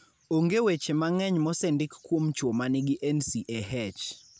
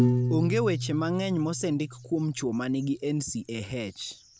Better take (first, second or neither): first